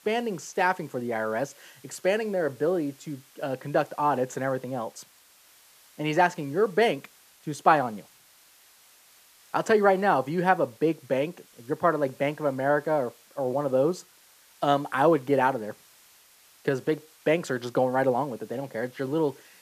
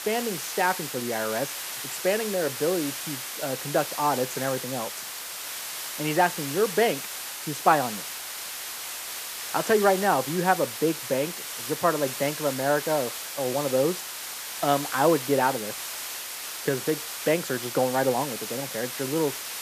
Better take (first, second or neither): first